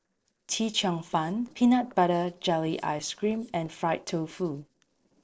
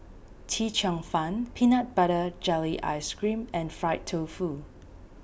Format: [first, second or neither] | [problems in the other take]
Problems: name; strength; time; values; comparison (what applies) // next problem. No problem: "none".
second | noise reduction (neural separator model SepFormer DNS4)